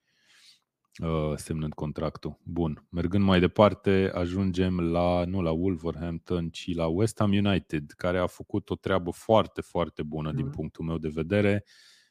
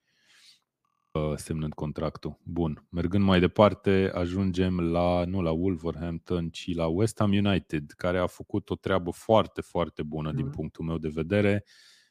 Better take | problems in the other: first | audio freezing; at 1 s

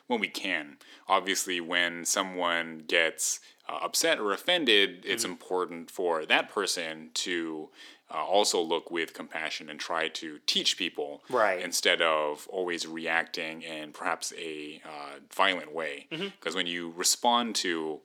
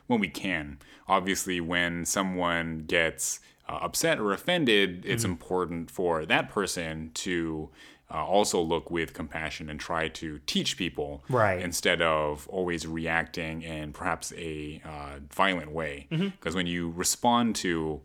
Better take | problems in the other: second | thin; very slightly; fading below 300 Hz

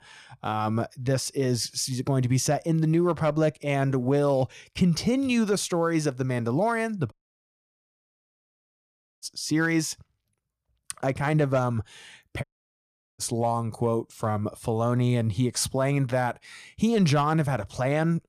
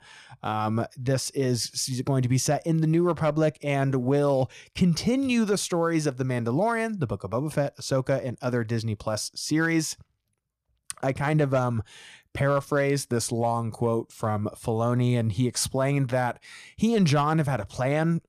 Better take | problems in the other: second | audio cutting out; at 7 s for 2 s and at 12 s for 0.5 s

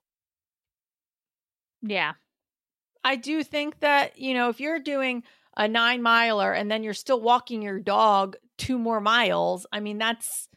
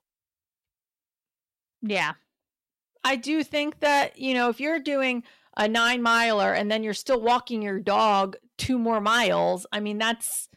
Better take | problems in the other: first | distortion; slight; 10 dB below the speech

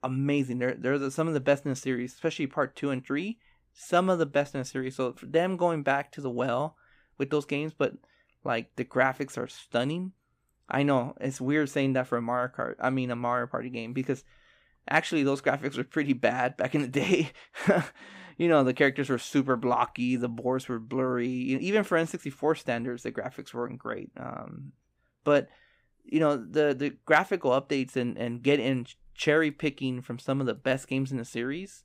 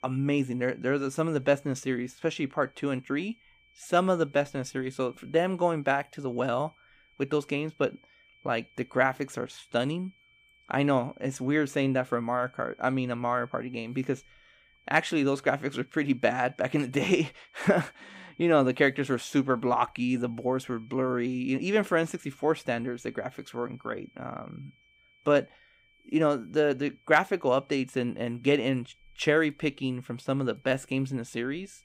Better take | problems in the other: first | high-pitched whine; faint; throughout; 2.5 kHz, 30 dB below the speech

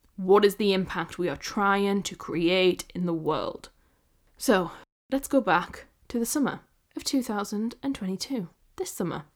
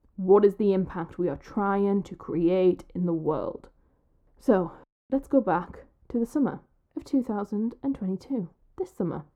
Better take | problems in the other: first | muffled; very; fading above 1.5 kHz

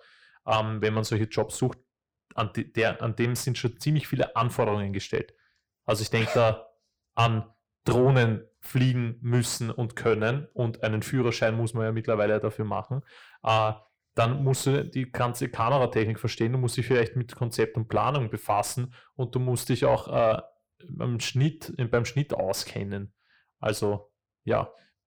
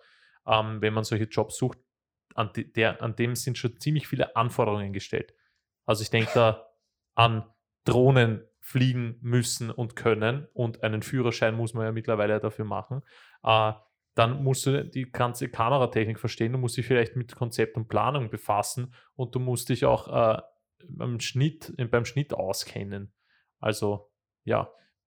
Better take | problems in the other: second | distortion; slight; 10 dB below the speech

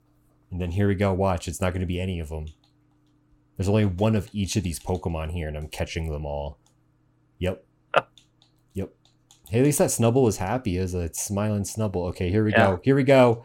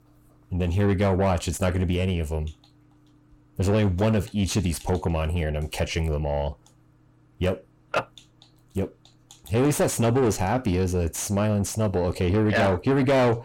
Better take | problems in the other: first | distortion; heavy; 7 dB below the speech

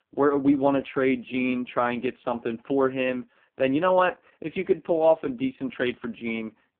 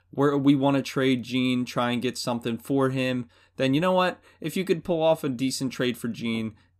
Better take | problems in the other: second | phone-call audio; poor line

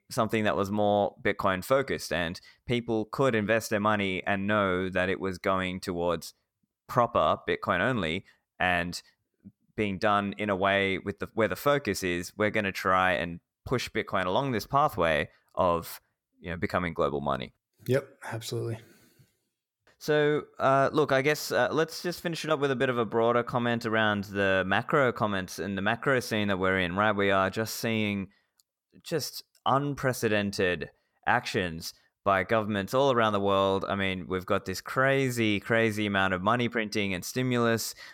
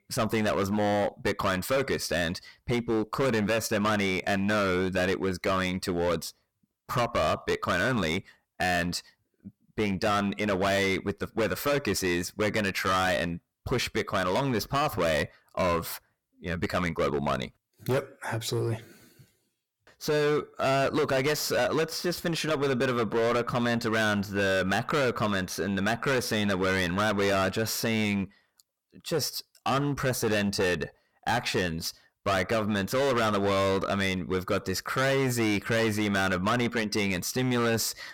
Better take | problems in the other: first | distortion; heavy; 16% of the sound clipped

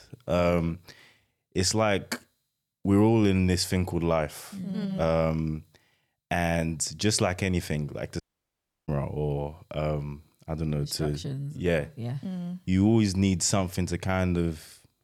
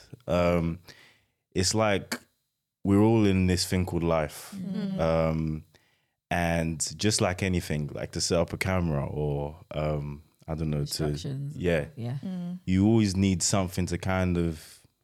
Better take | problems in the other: second | audio cutting out; at 8 s for 0.5 s

